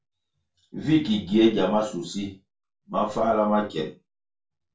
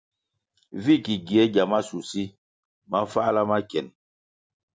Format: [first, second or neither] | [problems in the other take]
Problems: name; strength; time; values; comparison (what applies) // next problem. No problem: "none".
second | room echo; dies away in 0.2 s